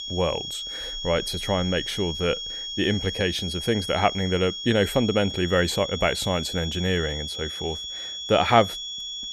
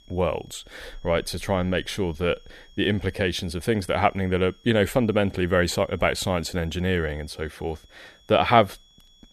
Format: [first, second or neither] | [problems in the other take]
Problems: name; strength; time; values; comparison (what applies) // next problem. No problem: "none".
second | high-pitched whine; loud; throughout; 3.5 kHz, 6 dB below the speech; faint in the second